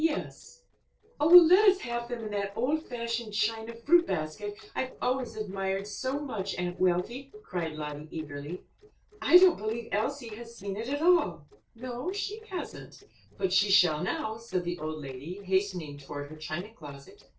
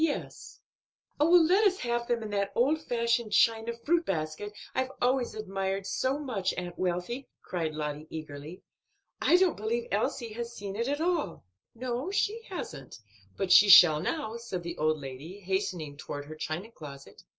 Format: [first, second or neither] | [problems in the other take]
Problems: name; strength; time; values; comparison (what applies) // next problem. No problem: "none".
second | noise reduction (neural separator model SepFormer DNS4)